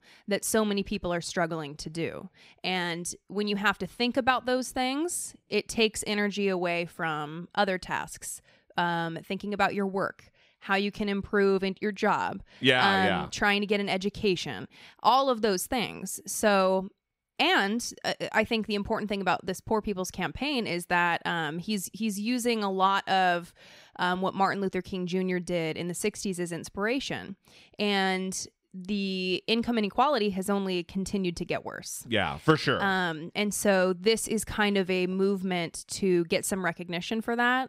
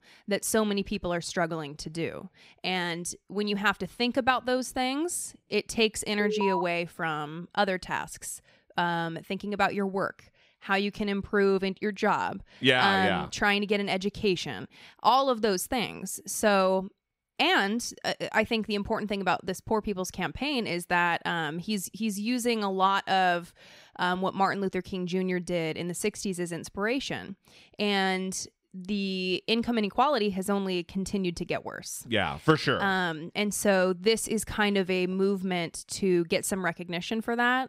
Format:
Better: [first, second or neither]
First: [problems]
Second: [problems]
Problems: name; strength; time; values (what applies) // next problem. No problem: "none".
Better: first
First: none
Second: alarm; noticeable; at 6 s; peak 2 dB below the speech